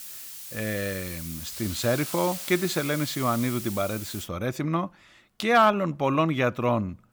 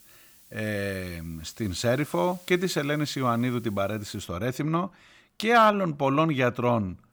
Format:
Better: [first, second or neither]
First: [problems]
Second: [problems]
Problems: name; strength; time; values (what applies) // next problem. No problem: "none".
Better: second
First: hiss; loud; until 4.5 s; 8 dB below the speech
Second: hiss; faint; until 4.5 s; 25 dB below the speech